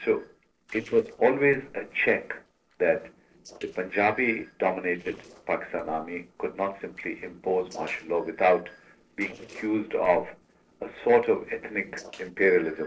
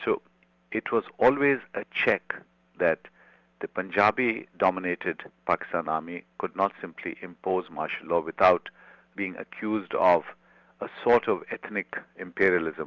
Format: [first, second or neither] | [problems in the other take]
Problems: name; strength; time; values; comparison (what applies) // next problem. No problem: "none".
second | noise reduction (neural separator model SepFormer DNS4)